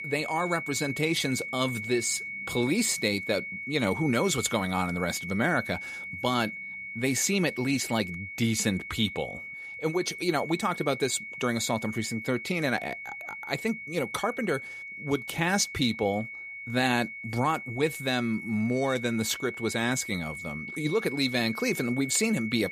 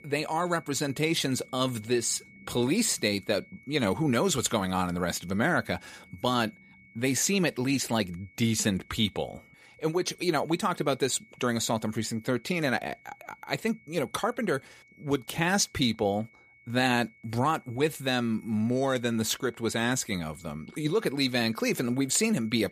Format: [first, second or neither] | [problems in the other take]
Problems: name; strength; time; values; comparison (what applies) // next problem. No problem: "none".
second | high-pitched whine; loud; throughout; 2 kHz, 8 dB below the speech; faint in the second